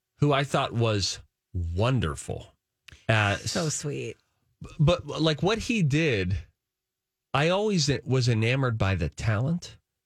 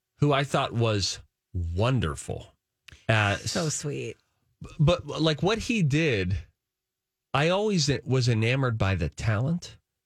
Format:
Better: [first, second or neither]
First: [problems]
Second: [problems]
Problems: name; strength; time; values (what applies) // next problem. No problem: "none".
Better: neither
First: none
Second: none